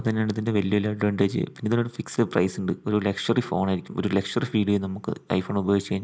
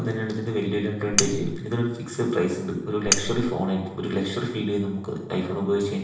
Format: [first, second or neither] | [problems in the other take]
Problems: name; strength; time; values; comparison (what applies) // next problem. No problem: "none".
first | background sound (Cutlery, silverware); 1 dB above the speech // room echo; dies away in 0.9 s